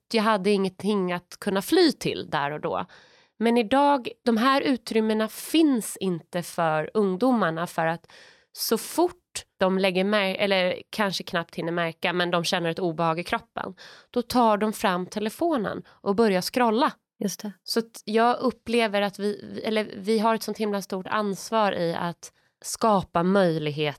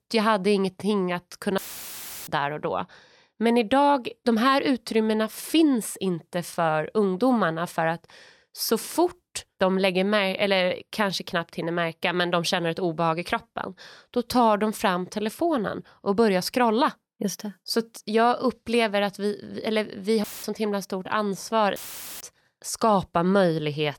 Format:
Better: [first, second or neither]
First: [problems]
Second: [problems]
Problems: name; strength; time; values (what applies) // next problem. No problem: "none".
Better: first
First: none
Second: audio cutting out; filled with static; at 1.5 s for 0.5 s, at 20 s and at 22 s